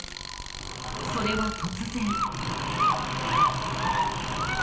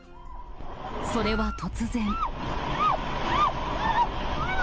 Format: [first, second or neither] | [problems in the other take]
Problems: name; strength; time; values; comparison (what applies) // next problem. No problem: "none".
second | background sound (Tools); 11 dB below the speech // room echo; dies away in 0.8 s